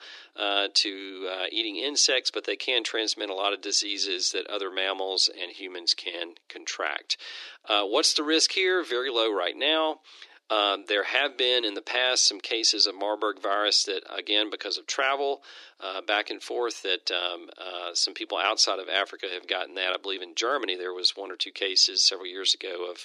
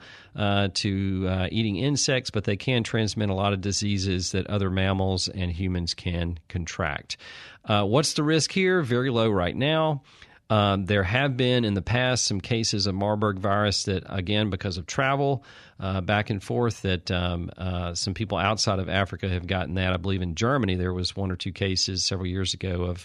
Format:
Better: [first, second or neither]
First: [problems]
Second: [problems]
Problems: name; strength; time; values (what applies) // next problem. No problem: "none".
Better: second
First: thin; very; fading below 300 Hz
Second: none